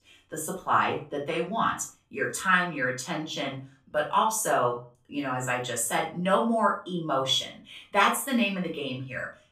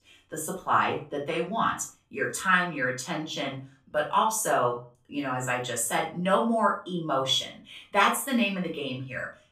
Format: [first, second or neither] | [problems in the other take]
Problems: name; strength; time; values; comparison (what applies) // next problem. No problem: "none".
neither | off-mic speech; far; the same in both // room echo; slight; dies away in 0.3 s; the same in both